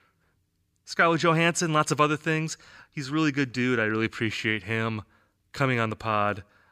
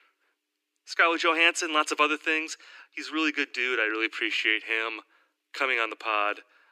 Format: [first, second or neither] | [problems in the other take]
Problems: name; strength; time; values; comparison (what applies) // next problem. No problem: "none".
first | thin; very; fading below 300 Hz